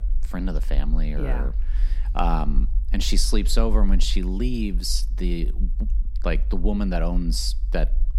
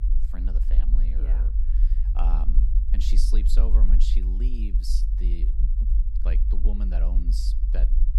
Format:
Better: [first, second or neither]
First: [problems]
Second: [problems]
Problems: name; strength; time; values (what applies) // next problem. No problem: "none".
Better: first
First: low rumble; faint; throughout; 20 dB below the speech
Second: low rumble; loud; throughout; 5 dB below the speech